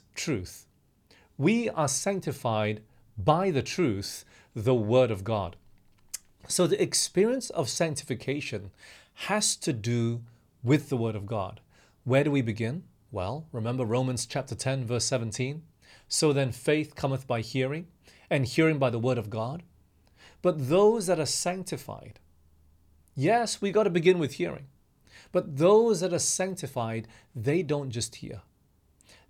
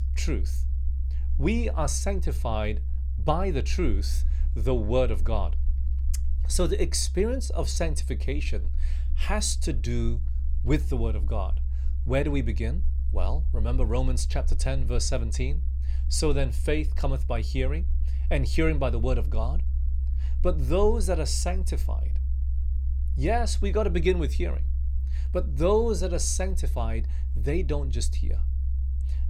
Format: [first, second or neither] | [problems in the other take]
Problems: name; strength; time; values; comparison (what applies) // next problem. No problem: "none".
first | low rumble; noticeable; throughout; 20 dB below the speech